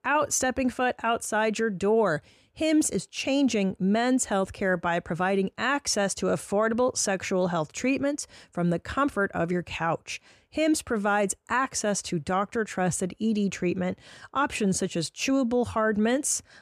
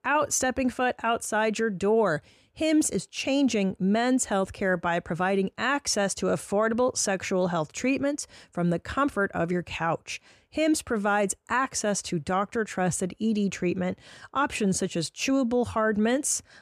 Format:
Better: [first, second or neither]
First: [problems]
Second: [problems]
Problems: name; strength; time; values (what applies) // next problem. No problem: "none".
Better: neither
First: none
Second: none